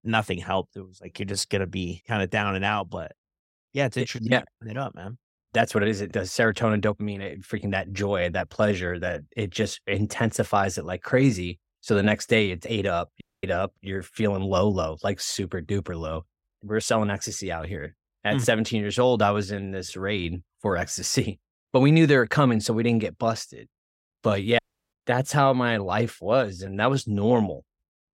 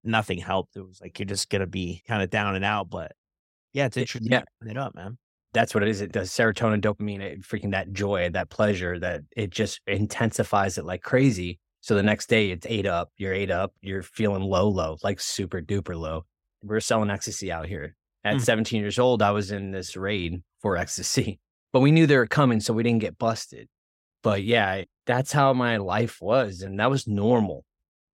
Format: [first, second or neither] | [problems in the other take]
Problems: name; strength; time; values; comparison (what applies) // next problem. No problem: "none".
second | audio cutting out; at 13 s and at 25 s